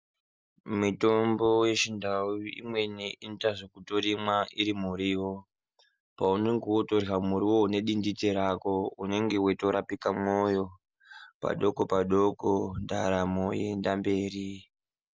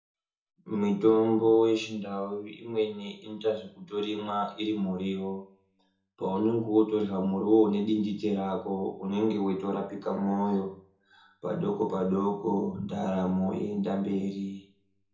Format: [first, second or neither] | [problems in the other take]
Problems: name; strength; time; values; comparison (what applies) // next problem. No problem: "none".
first | room echo; dies away in 0.6 s